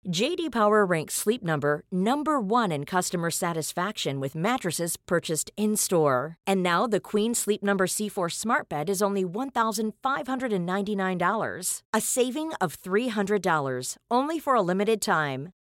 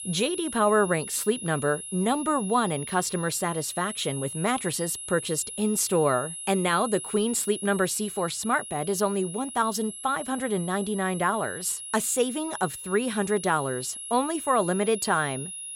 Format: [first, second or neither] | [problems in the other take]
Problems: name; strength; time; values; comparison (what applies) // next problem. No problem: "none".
first | high-pitched whine; loud; throughout; 10.5 kHz, 9 dB below the speech